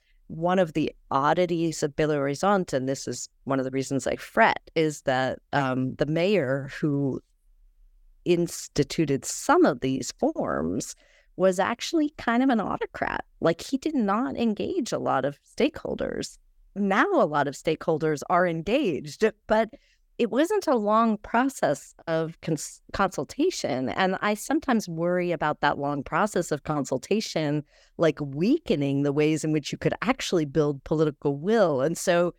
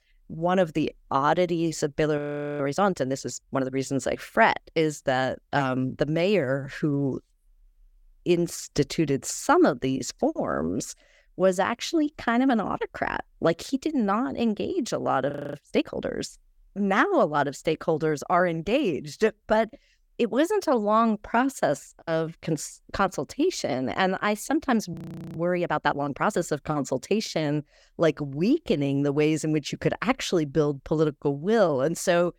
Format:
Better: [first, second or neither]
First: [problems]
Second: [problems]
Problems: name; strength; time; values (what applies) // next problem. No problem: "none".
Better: first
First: none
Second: audio freezing; at 2 s, at 15 s and at 25 s